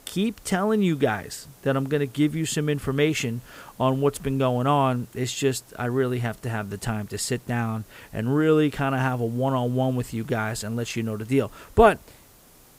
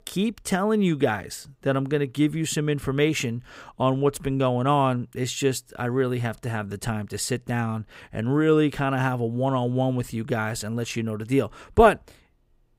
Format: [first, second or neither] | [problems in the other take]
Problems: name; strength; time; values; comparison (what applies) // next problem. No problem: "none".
second | hiss; faint; throughout; 25 dB below the speech